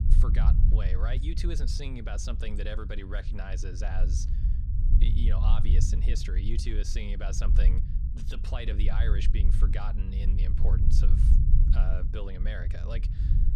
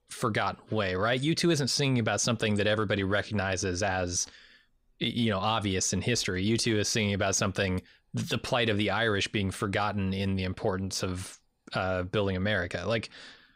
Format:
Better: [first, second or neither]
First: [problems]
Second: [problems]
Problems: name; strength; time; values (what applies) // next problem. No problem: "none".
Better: second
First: low rumble; loud; throughout; 5 dB below the speech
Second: none